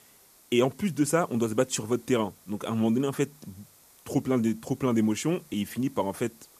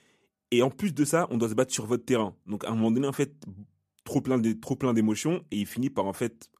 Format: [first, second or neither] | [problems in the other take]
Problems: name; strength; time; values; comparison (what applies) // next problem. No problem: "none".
second | hiss; faint; throughout; 25 dB below the speech